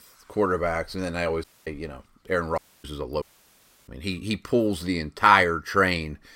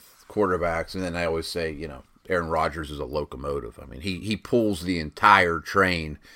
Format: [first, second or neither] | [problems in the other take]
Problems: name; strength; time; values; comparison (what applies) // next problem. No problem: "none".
second | audio cutting out; at 1.5 s, at 2.5 s and at 3 s for 0.5 s